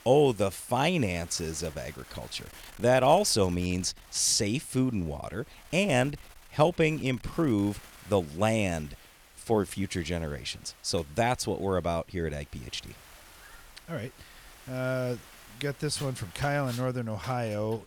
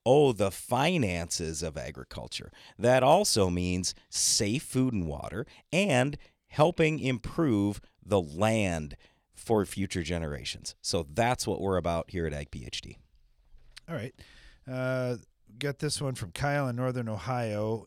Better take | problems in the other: second | wind noise on the microphone; occasional gusts; 20 dB below the speech

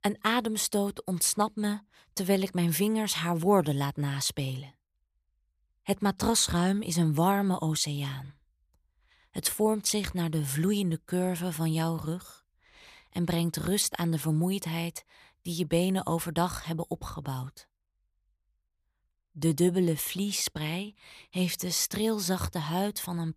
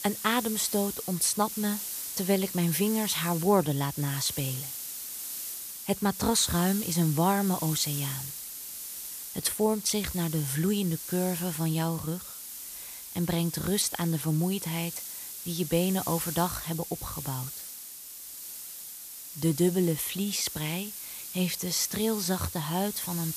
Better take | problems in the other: first | hiss; loud; throughout; 7 dB below the speech

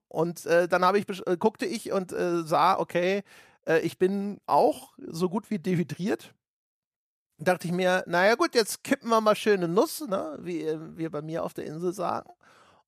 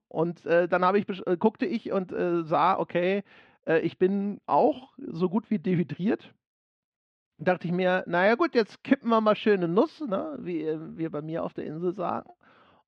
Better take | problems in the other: first | muffled; slightly; fading above 3.5 kHz

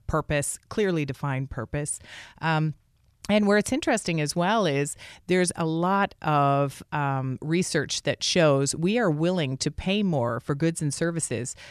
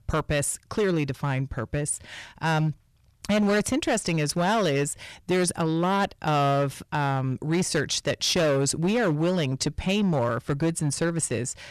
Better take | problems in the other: first | distortion; slight; 11% of the sound clipped

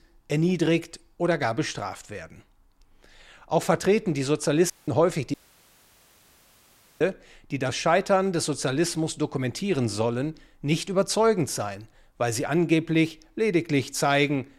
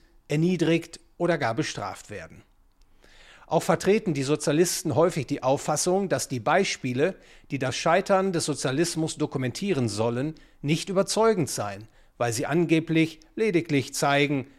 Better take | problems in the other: second | audio cutting out; at 4.5 s and at 5.5 s for 1.5 s

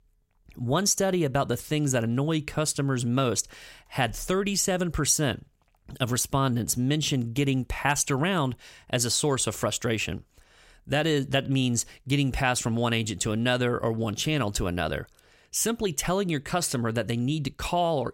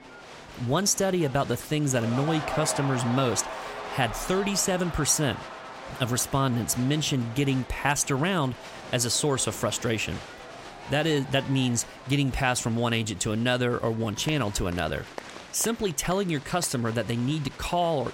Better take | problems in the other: first | crowd noise; noticeable; throughout; 15 dB below the speech

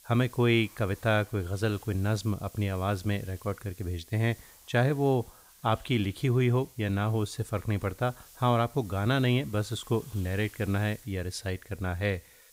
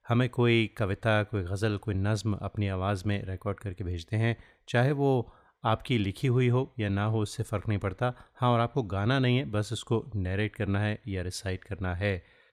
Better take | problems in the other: second | hiss; faint; throughout; 20 dB below the speech

